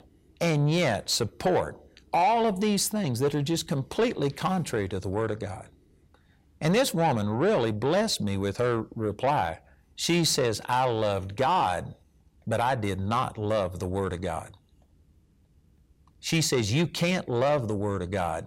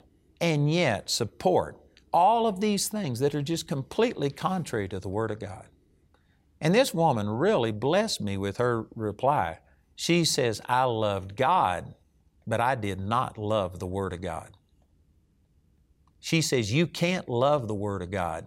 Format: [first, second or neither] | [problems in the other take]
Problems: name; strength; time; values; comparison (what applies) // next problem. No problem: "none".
second | distortion; slight; 10 dB below the speech